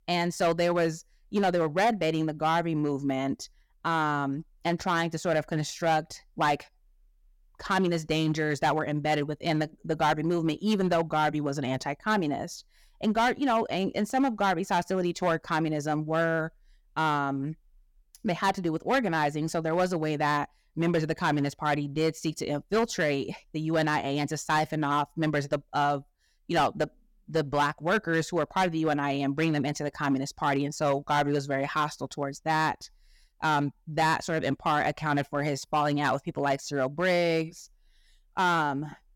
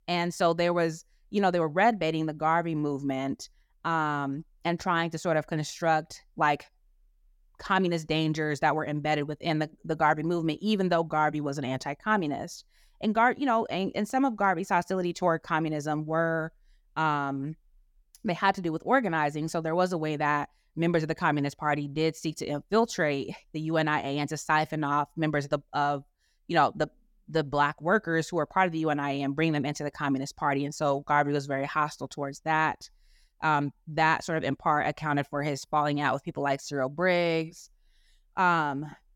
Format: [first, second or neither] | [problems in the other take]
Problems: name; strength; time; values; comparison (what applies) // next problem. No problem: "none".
second | distortion; slight; 5% of the sound clipped